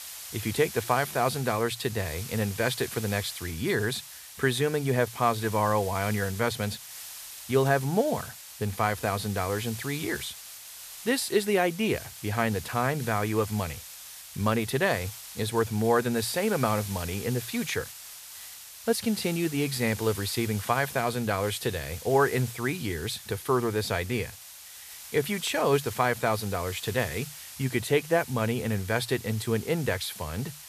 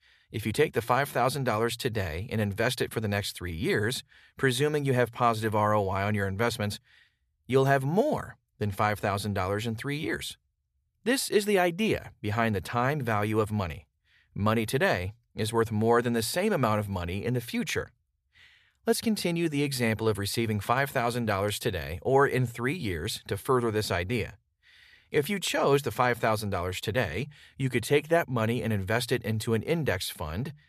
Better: second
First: hiss; noticeable; throughout; 10 dB below the speech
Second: none

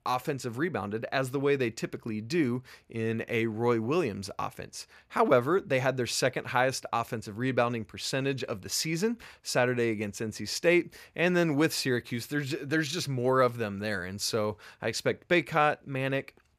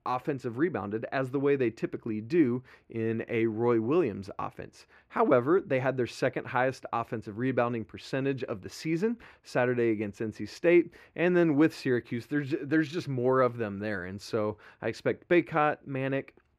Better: first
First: none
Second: muffled; slightly; fading above 3.5 kHz

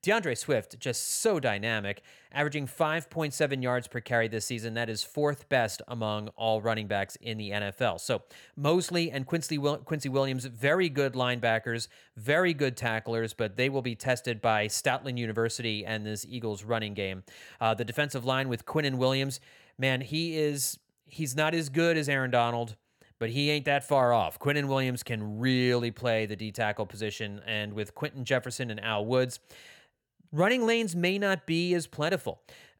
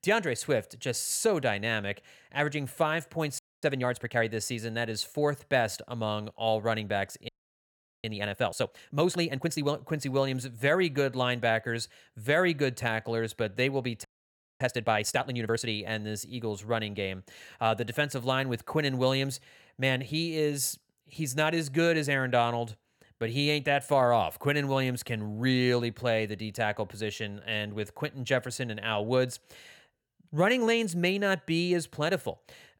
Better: first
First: none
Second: audio freezing; at 3.5 s, at 7.5 s for 1 s and at 14 s for 0.5 s

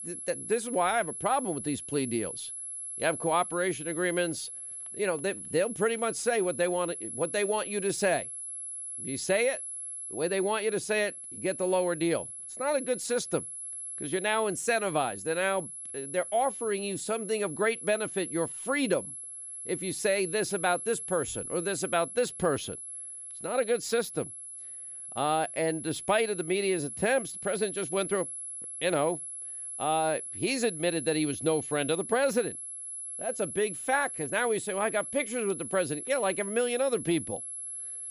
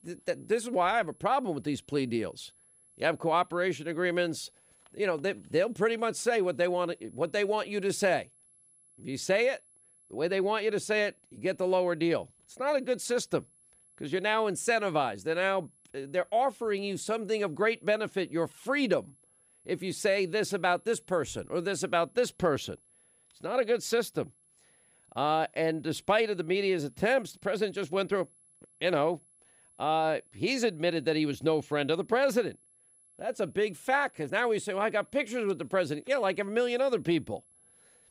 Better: second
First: high-pitched whine; loud; throughout; 11 kHz, 7 dB below the speech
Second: high-pitched whine; faint; throughout; 11 kHz, 30 dB below the speech

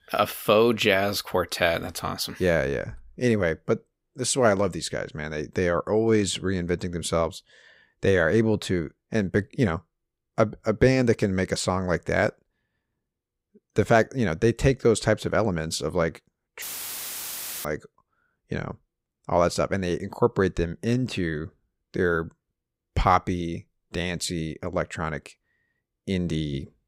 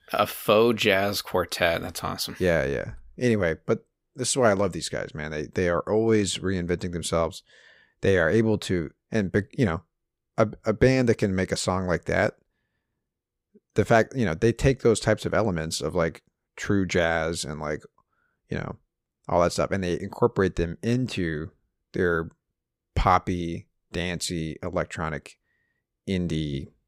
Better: second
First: audio cutting out; filled with static; at 17 s for 1 s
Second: none

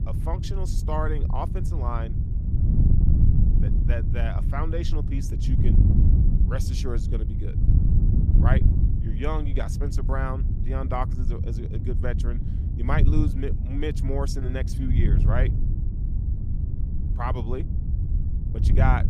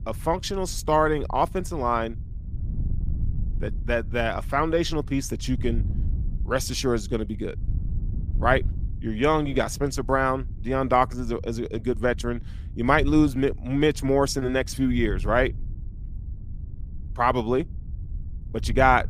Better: second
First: wind noise on the microphone; heavy; 5 dB below the speech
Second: wind noise on the microphone; occasional gusts; 25 dB below the speech

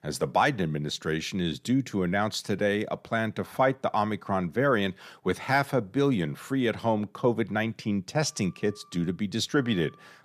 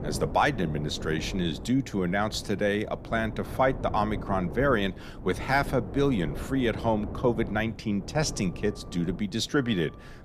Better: first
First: none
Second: wind noise on the microphone; occasional gusts; 15 dB below the speech

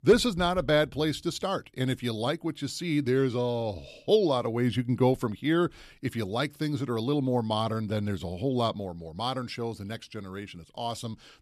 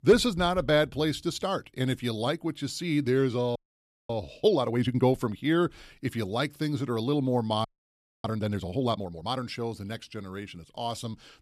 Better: first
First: none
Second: audio freezing; at 3.5 s for 0.5 s and at 7.5 s for 0.5 s

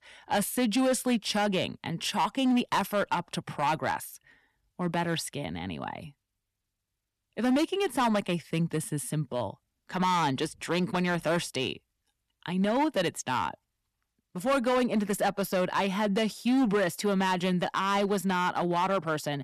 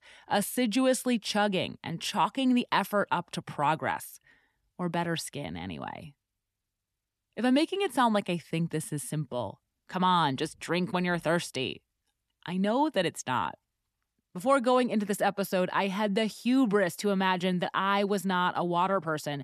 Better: second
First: distortion; slight; 7% of the sound clipped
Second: none

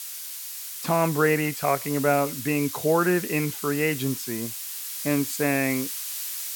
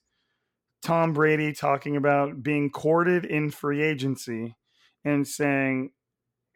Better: second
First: hiss; loud; throughout; 7 dB below the speech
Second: none

